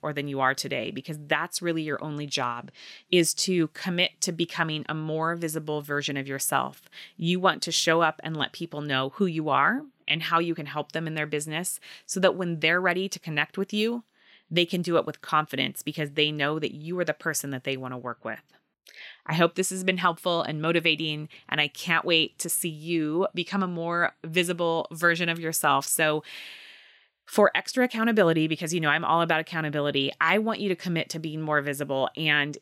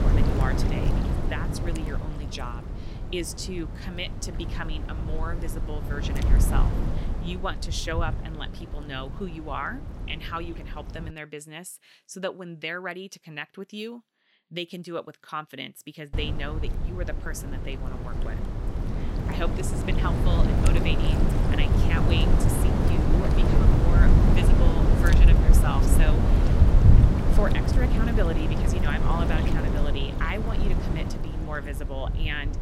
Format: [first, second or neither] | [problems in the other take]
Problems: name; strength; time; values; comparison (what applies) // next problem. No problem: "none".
first | wind noise on the microphone; heavy; until 11 s and from 16 s on; as loud as the speech